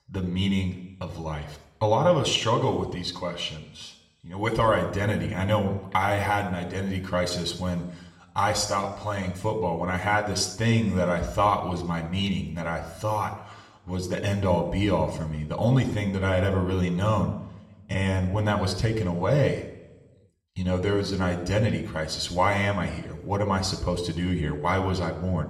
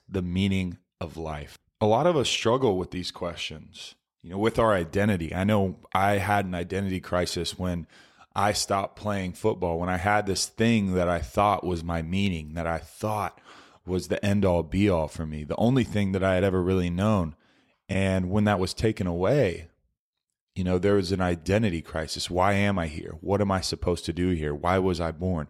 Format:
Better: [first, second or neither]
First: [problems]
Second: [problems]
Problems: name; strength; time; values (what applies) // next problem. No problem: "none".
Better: second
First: room echo; slight; dies away in 0.8 s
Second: none